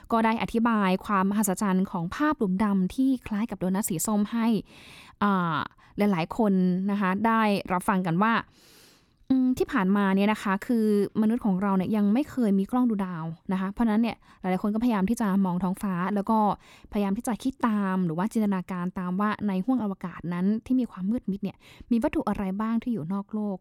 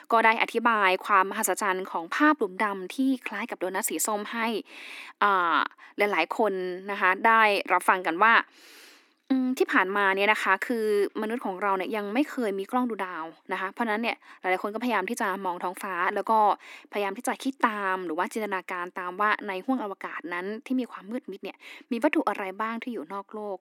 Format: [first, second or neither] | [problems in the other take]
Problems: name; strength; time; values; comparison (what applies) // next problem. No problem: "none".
first | thin; somewhat; fading below 300 Hz